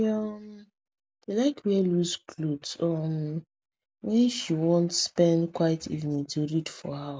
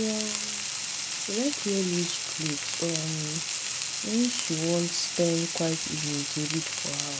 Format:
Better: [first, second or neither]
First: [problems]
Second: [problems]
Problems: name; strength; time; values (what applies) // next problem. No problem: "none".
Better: first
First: none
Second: background sound (Frying (food)); 1 dB below the speech